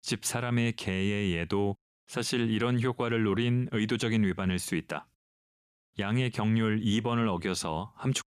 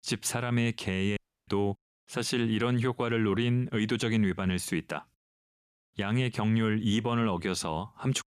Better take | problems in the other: first | audio cutting out; at 1 s

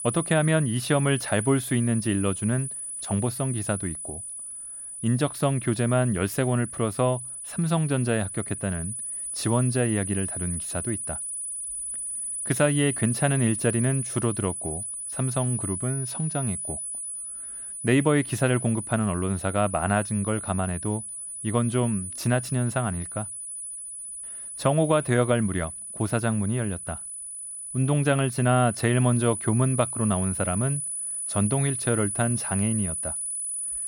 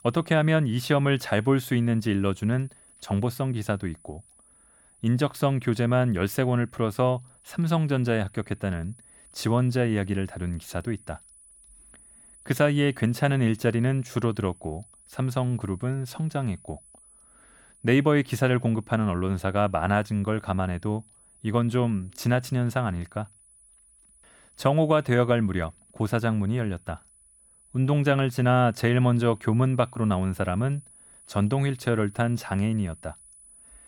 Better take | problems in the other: second | high-pitched whine; loud; throughout; 10 kHz, 5 dB below the speech; faint in the second

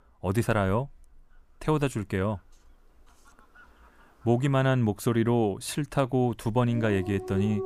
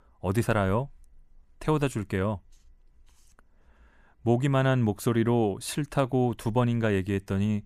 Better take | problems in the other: second | animal sounds; noticeable; throughout; 15 dB below the speech

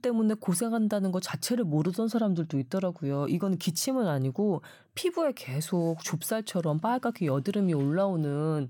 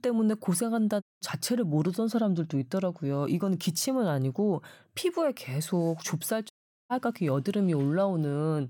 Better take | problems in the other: first | audio cutting out; at 1 s and at 6.5 s

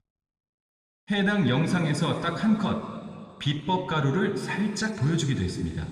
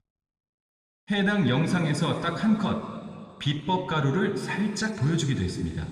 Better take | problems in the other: neither | room echo; slight; dies away in 2.5 s; the same in both

